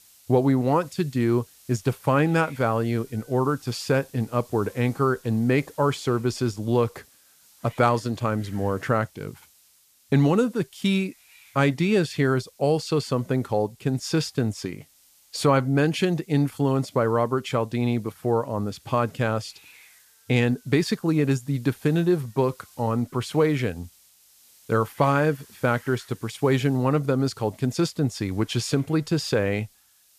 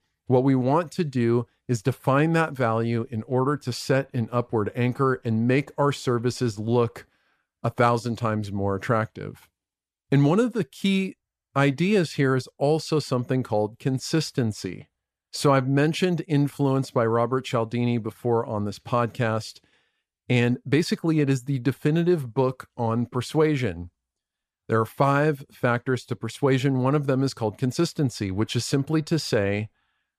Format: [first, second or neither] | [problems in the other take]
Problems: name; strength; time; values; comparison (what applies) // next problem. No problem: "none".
second | hiss; faint; throughout; 25 dB below the speech